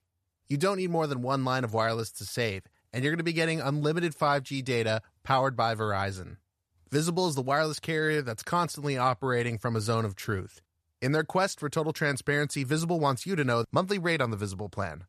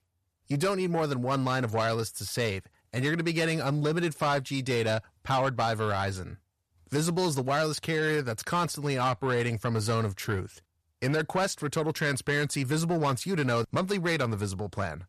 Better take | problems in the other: first | distortion; slight; 10 dB below the speech

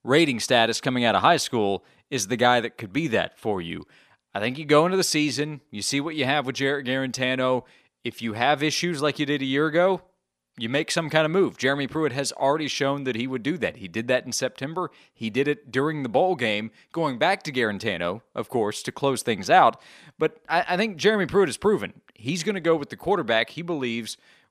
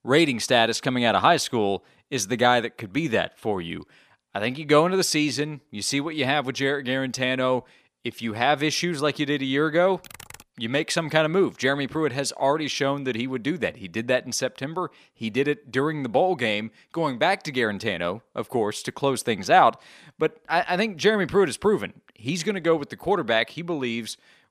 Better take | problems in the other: first | keyboard typing; faint; at 10 s; peak 20 dB below the speech

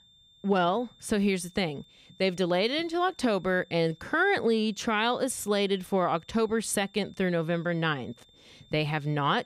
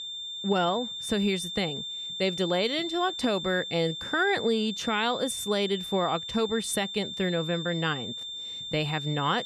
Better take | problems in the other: first | high-pitched whine; loud; throughout; 3.5 kHz, 6 dB below the speech; faint in the first

